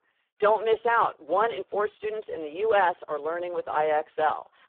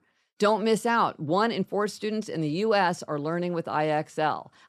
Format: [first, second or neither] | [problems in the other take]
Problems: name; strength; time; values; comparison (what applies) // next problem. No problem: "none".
second | phone-call audio; poor line